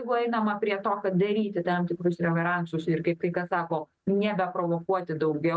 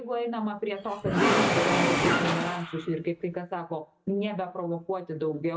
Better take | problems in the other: first | background sound (Engine / Mechanisms); 3 dB above the speech // room echo; dies away in 0.4 s

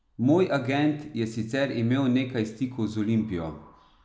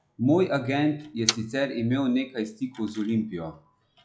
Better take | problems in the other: first | noise reduction (classical method log-MMSE)

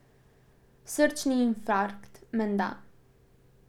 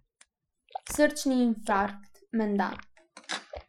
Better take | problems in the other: first | noise reduction (classical method Wiener filter)

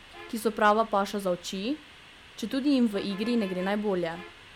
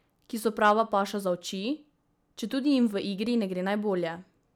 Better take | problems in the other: second | background sound (Bus); 19 dB below the speech

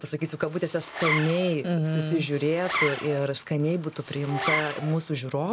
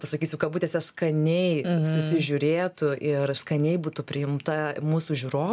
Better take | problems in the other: second | background sound (Zipper (clothing) + Wind instrument, woodwind instrument); 6 dB below the speech

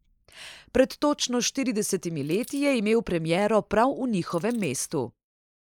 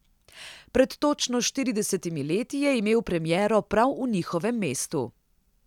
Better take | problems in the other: second | noise reduction (neural mask model Resemble Enhance denoiser)

